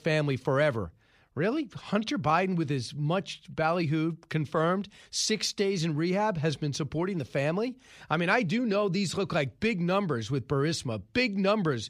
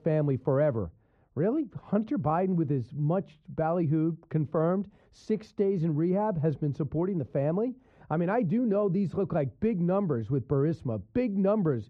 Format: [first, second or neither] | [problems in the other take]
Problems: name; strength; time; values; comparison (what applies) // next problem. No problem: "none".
first | muffled; very; fading above 2 kHz